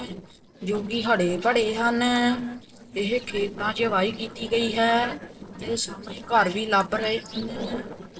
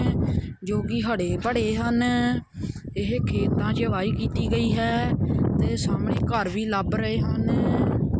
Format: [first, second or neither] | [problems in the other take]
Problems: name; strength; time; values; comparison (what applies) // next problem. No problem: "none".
second | noise reduction (neural separator model SepFormer DNS4)